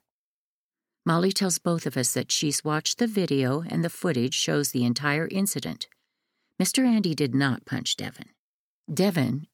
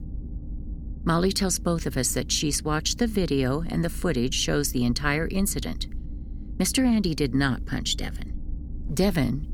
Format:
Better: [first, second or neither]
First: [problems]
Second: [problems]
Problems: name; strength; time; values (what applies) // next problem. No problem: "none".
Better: first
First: none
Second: low rumble; faint; throughout; 25 dB below the speech